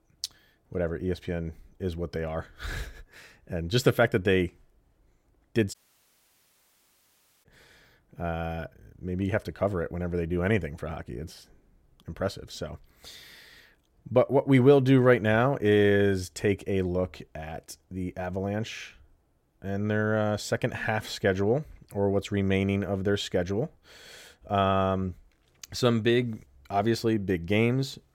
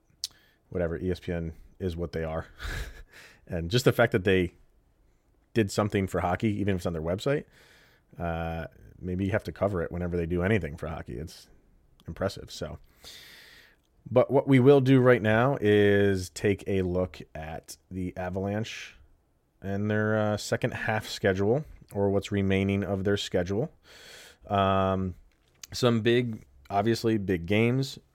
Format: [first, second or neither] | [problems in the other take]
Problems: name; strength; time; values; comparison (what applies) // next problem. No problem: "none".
second | audio cutting out; at 5.5 s for 1.5 s